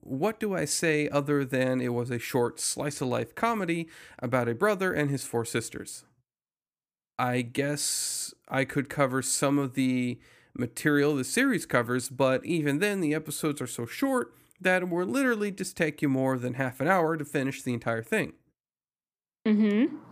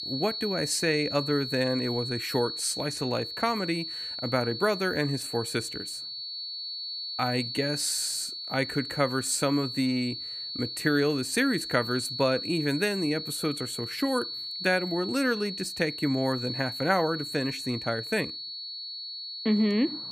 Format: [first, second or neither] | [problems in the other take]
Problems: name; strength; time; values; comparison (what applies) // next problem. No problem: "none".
first | high-pitched whine; loud; throughout; 4.5 kHz, 5 dB below the speech